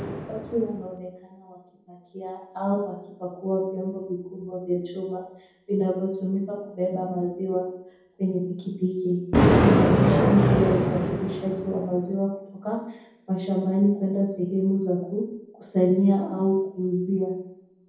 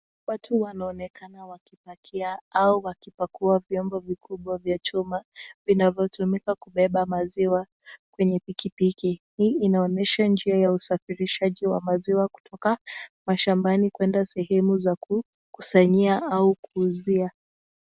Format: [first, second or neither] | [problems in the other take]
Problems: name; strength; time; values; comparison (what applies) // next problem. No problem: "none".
second | background sound (Thunder); 2 dB below the speech // room echo; dies away in 0.9 s